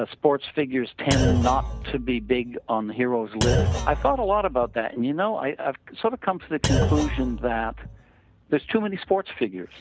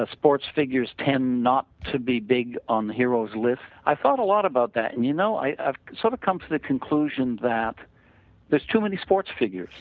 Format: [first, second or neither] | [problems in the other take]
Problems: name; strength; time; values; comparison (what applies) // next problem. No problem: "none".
second | background sound (Thump, thud); 1 dB below the speech